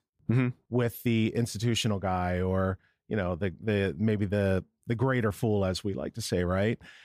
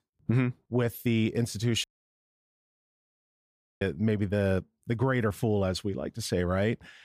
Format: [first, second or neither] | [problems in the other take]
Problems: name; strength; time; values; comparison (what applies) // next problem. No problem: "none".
first | audio cutting out; at 2 s for 2 s